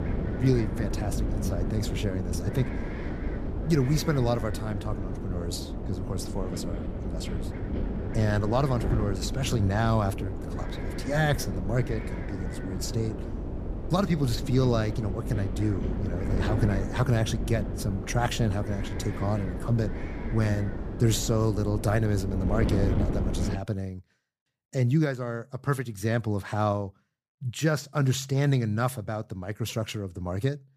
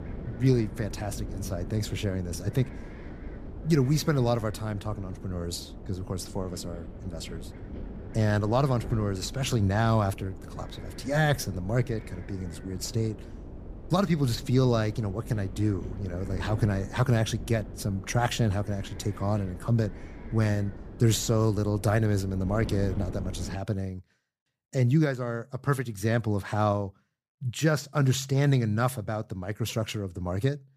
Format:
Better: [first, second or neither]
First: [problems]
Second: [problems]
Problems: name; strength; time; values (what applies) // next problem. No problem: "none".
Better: second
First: wind noise on the microphone; heavy; until 24 s; 7 dB below the speech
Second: wind noise on the microphone; occasional gusts; until 24 s; 15 dB below the speech